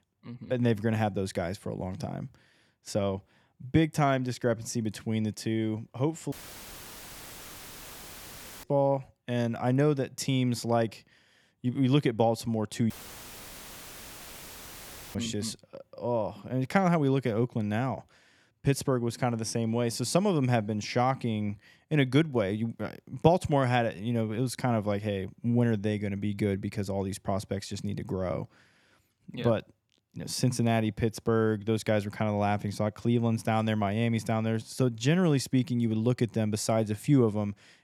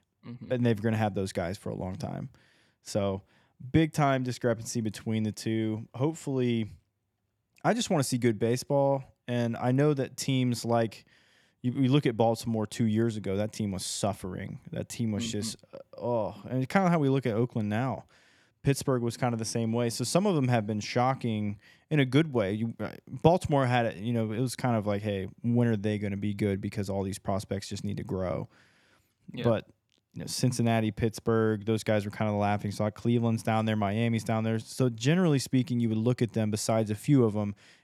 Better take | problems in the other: second | audio cutting out; filled with static; at 6.5 s for 2.5 s and at 13 s for 2.5 s

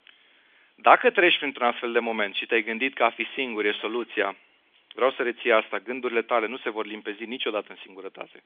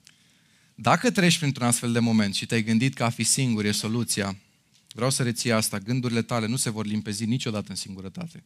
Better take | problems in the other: second | phone-call audio; nothing above 3.5 kHz

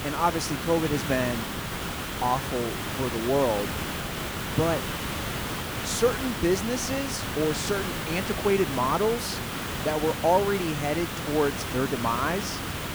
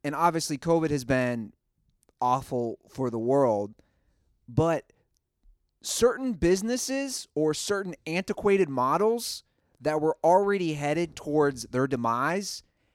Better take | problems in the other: second | hiss; loud; throughout; 3 dB below the speech

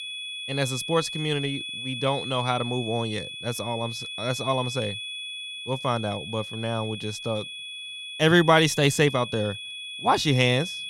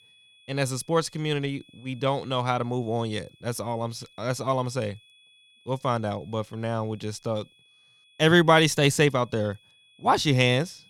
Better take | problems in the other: second | high-pitched whine; loud; throughout; 3.5 kHz, 8 dB below the speech; faint in the second

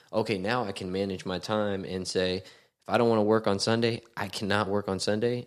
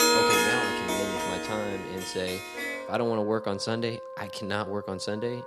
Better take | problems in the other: first | background music; very loud; throughout; 4 dB above the speech

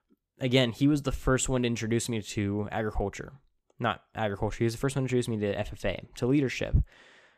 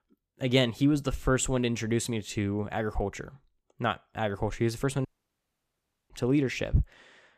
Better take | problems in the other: first | audio cutting out; at 5 s for 1 s

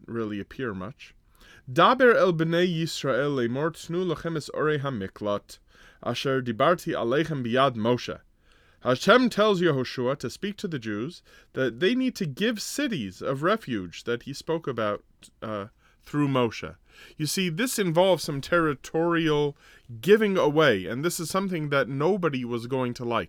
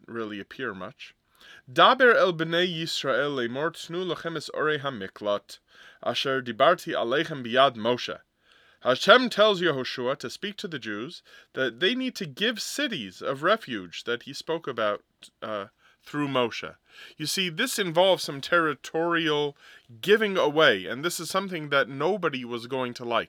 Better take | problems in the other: first | thin; very slightly; fading below 500 Hz

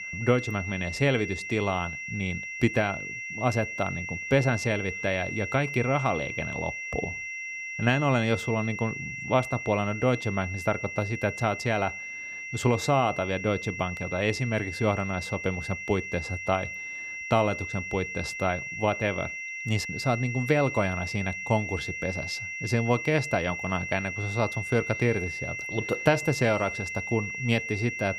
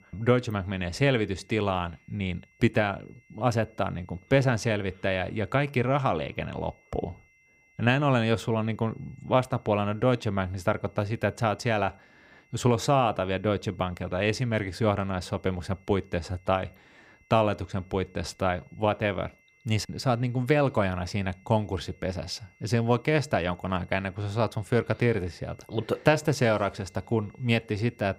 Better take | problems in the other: second | high-pitched whine; loud; throughout; 2 kHz, 6 dB below the speech; faint in the second

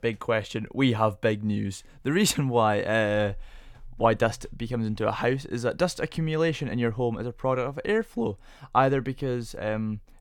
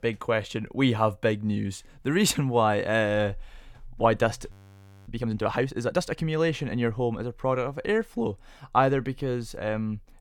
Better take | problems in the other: first | audio freezing; at 4.5 s for 0.5 s

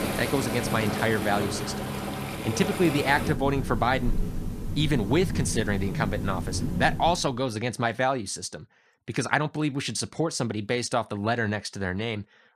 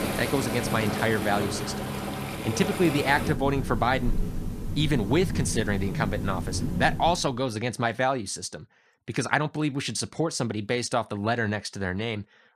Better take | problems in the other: neither | rain or running water; loud; until 7 s; 4 dB below the speech; the same in both

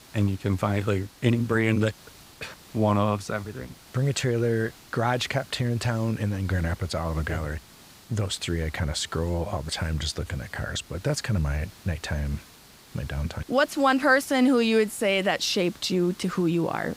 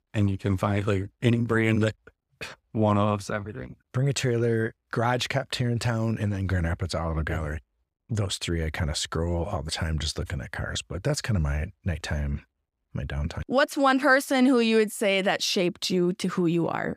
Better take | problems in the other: second | hiss; faint; throughout; 20 dB below the speech

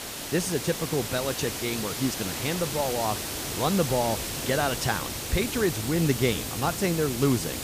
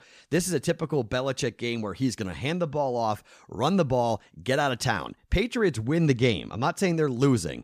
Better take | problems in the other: second | hiss; loud; throughout; 3 dB below the speech

